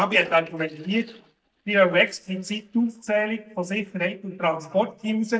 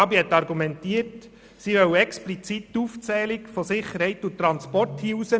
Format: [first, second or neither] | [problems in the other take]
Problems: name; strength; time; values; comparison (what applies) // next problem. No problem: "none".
second | noise reduction (neural mask model DeepFilterNet 3)